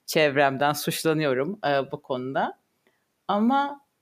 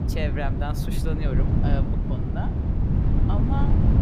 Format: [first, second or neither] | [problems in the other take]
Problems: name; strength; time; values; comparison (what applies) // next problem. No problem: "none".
first | wind noise on the microphone; heavy; as loud as the speech